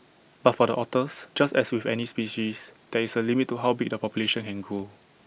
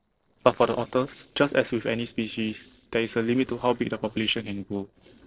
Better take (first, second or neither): first